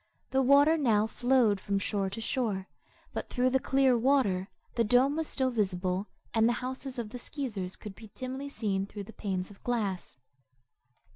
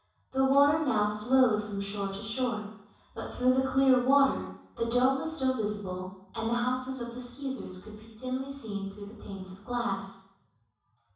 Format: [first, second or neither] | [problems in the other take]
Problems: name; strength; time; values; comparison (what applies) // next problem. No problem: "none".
first | room echo; dies away in 0.7 s